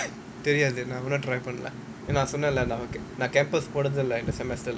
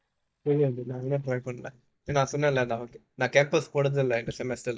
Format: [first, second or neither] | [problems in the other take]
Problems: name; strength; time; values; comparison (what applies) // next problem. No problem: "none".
first | noise reduction (neural mask model DeepFilterNet 3)